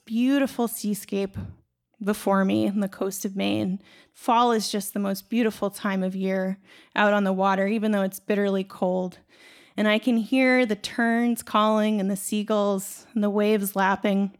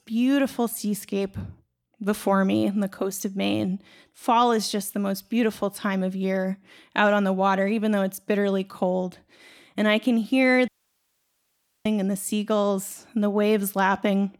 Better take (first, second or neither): first